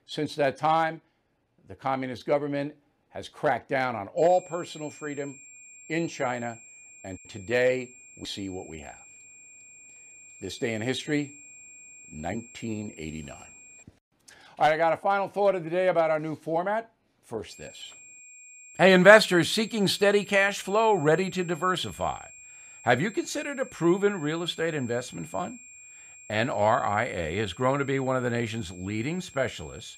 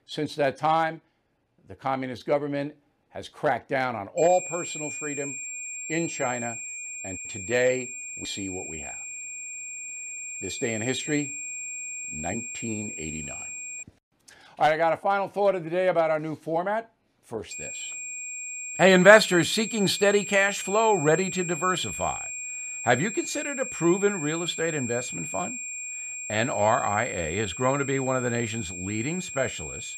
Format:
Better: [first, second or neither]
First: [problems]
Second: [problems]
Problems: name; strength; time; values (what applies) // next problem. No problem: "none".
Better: first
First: high-pitched whine; faint; from 4 to 14 s and from 18 s on; 7.5 kHz, 20 dB below the speech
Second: high-pitched whine; loud; from 4 to 14 s and from 18 s on; 7.5 kHz, 8 dB below the speech